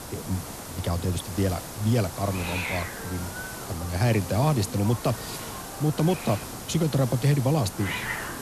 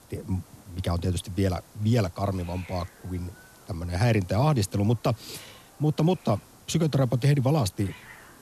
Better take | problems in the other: second | hiss; loud; throughout; 8 dB below the speech; faint in the second

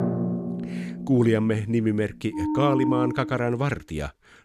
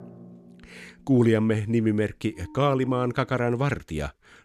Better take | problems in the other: second | background music; loud; throughout; 4 dB below the speech; faint in the second

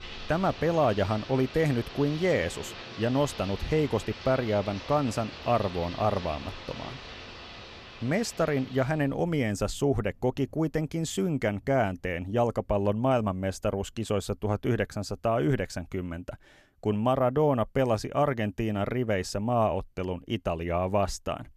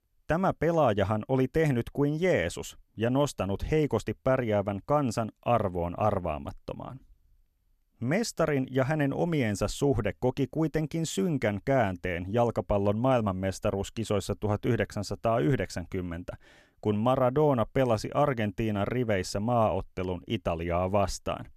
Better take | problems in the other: second | rain or running water; noticeable; throughout; 15 dB below the speech

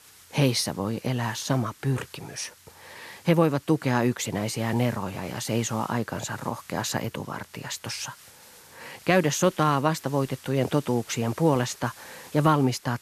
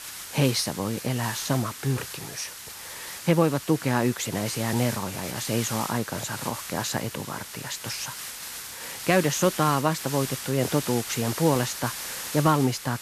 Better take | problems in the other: first | hiss; loud; throughout; 8 dB below the speech; faint in the first

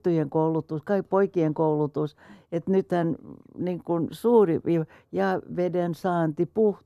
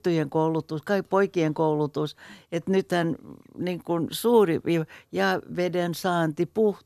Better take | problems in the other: second | muffled; slightly; fading above 1.5 kHz

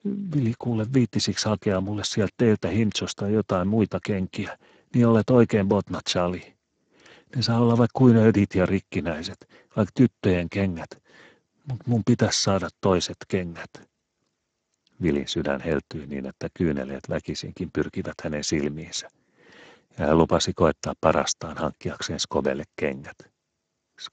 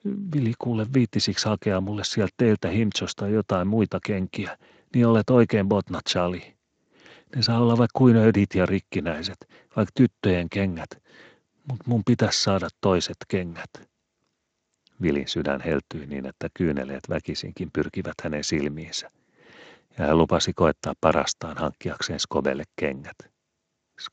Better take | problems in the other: second | garbled, watery; badly; nothing above 7.5 kHz; slightly in the second

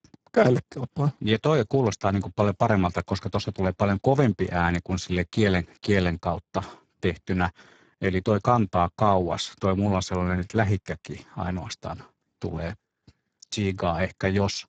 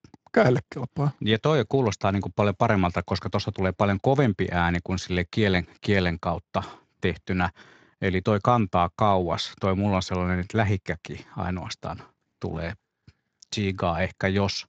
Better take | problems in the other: second | garbled, watery; badly; nothing above 7.5 kHz; slightly in the second

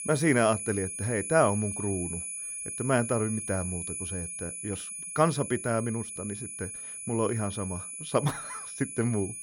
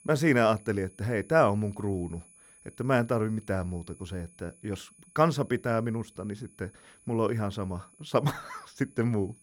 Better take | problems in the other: second | high-pitched whine; loud; throughout; 10 kHz, 5 dB below the speech; faint in the second

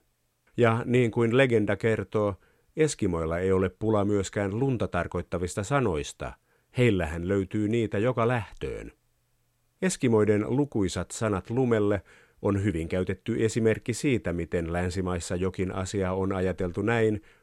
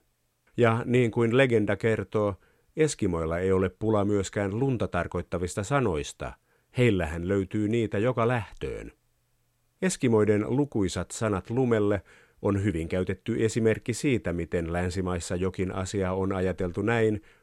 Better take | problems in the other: neither | none

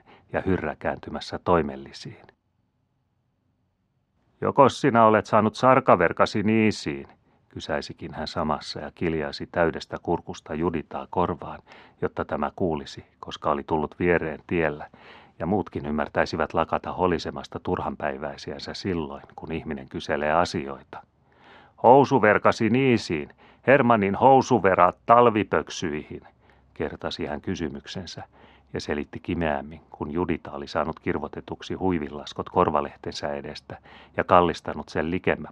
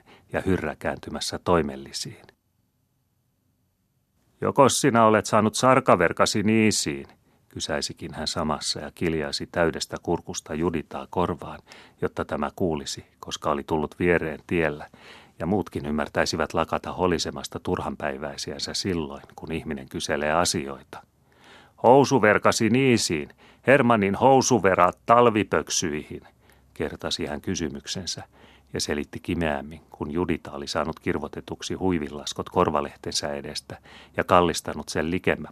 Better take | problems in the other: second | muffled; slightly; fading above 3 kHz

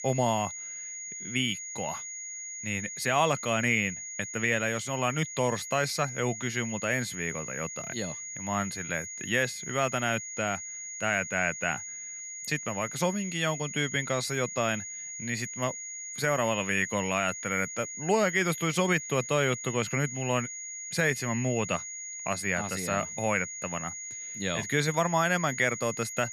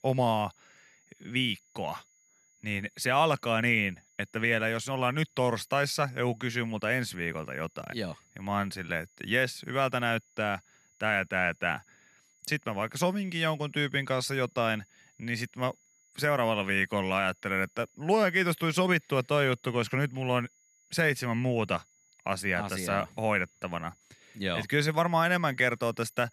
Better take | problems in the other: second | high-pitched whine; loud; throughout; 6.5 kHz, 7 dB below the speech; faint in the second

